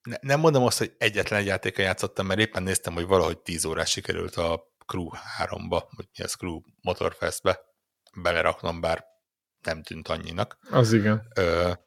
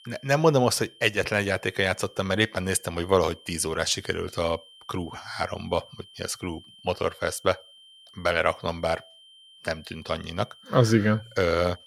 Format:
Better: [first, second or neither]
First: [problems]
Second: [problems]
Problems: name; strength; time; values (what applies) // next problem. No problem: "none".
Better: first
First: none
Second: high-pitched whine; faint; throughout; 3 kHz, 25 dB below the speech